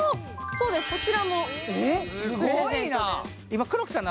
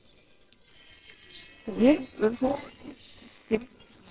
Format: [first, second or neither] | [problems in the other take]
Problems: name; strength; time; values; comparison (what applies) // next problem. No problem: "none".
first | noise reduction (neural separator model SepFormer WHAMR!)